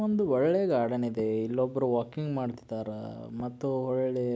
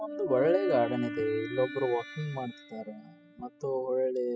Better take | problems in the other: first | noise reduction (classical method spectral subtraction)

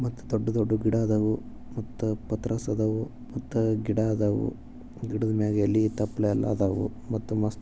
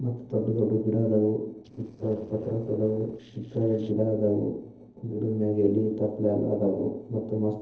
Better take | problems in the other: first | noise reduction (neural separator model SepFormer DNS4)

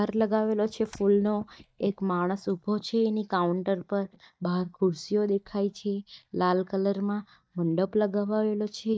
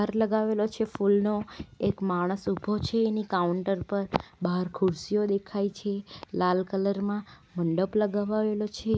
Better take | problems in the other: second | noise reduction (neural mask model DeepFilterNet 3)

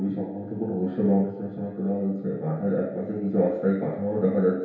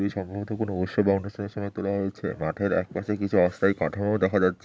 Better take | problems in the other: second | room echo; dies away in 1 s

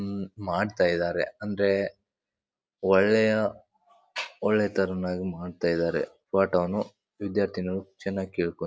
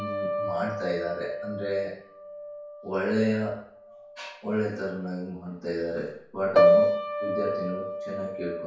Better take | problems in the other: first | background sound (Piano); 3 dB above the speech // room echo; dies away in 0.5 s

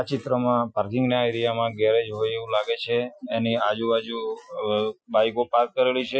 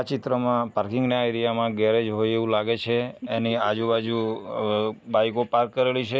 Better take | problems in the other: second | noise reduction (classical method Wiener filter)

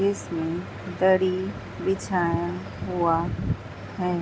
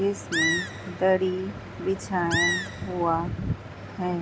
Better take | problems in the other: first | background sound (Animal); 4 dB below the speech

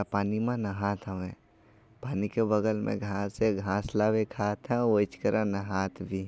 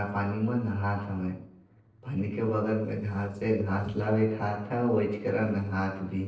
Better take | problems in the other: first | noise reduction (neural separator model SepFormer DNS4)

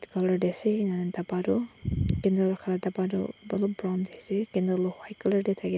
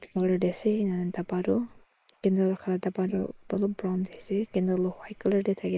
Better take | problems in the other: first | noise reduction (neural mask model Resemble Enhance denoiser)

